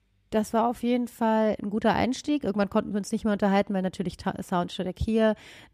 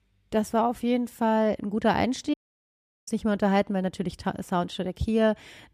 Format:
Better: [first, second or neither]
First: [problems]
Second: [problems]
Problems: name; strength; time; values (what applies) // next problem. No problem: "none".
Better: first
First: none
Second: audio cutting out; at 2.5 s for 0.5 s